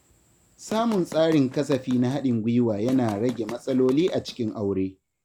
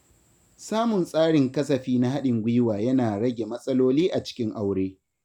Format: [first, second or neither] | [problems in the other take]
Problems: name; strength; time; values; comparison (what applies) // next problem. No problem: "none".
second | background sound (Run); 18 dB below the speech